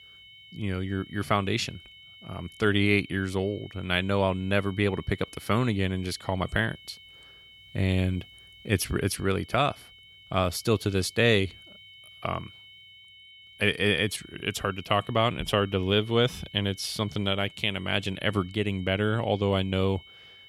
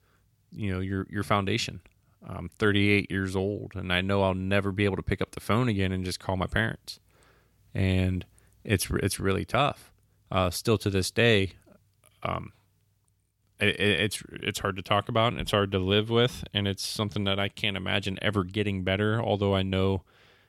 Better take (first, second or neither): second